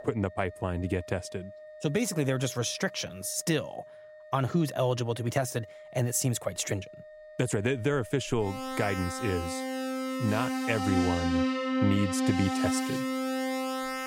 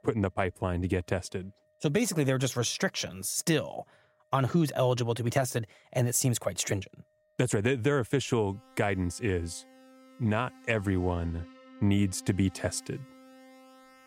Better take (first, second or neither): second